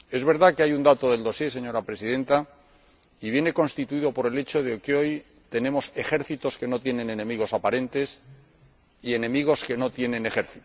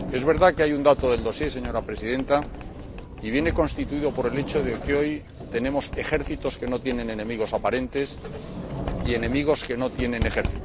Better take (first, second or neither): first